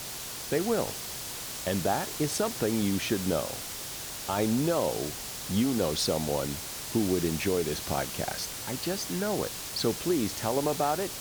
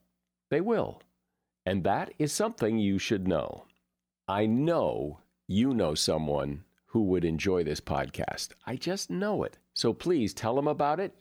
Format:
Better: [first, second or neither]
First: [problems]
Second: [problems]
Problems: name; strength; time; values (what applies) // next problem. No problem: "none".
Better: second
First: hiss; loud; throughout; 5 dB below the speech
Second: none